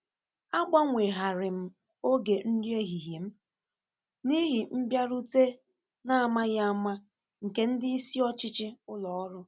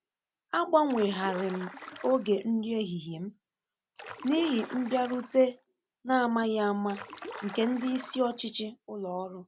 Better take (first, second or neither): first